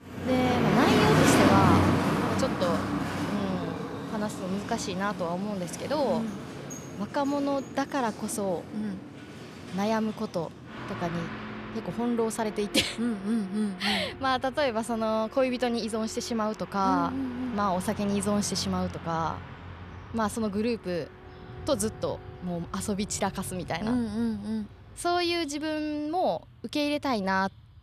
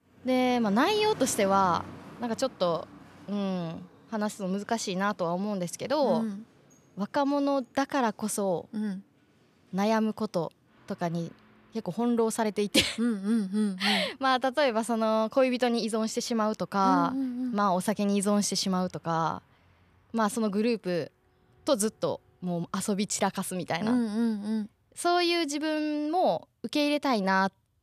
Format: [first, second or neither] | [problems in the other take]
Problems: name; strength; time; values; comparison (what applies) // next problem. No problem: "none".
second | traffic noise; loud; throughout; 1 dB below the speech; faint in the second